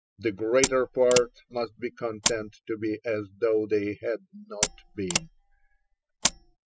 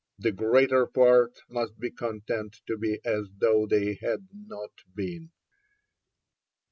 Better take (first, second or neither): second